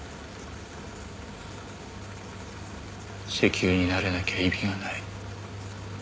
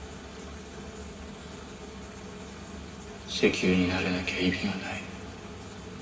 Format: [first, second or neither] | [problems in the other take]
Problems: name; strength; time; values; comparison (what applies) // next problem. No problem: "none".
first | room echo; dies away in 2.5 s